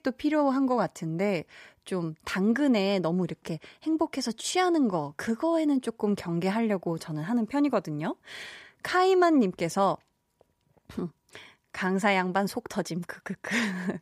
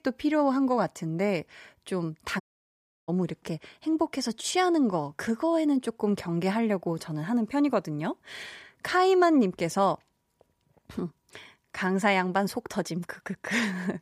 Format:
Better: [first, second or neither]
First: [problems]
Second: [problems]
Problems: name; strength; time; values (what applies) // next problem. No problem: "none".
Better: first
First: none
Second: audio cutting out; at 2.5 s for 0.5 s